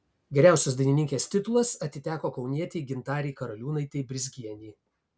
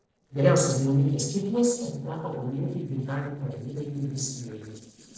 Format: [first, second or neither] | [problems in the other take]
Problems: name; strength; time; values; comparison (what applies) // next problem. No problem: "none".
first | noise reduction (neural separator model SepFormer DNS4)